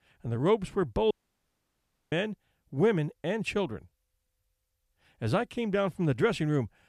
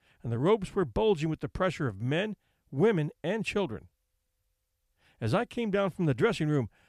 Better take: second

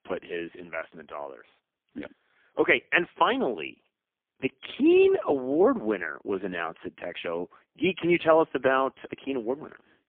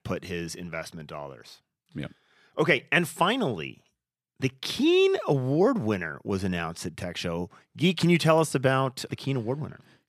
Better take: second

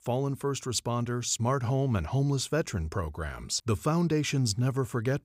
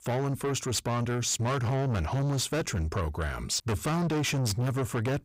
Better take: first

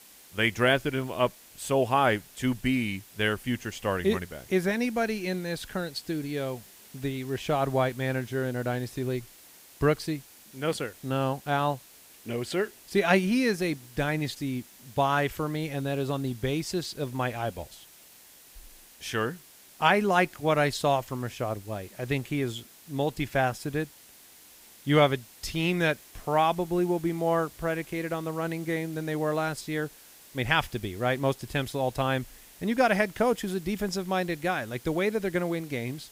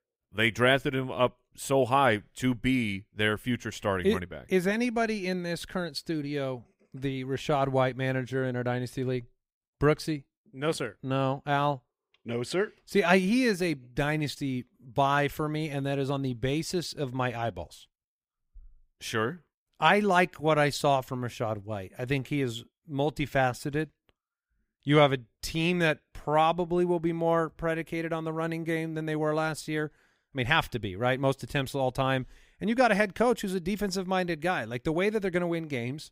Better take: second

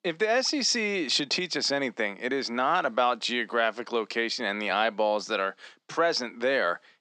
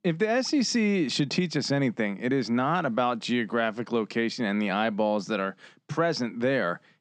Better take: second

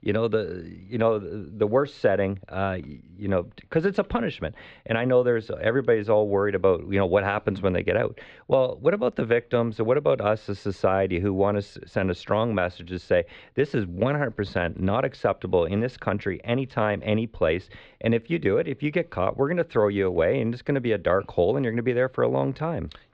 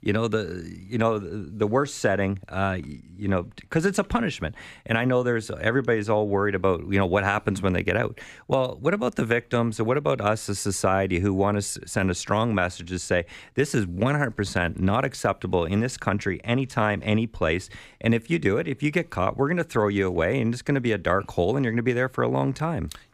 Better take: second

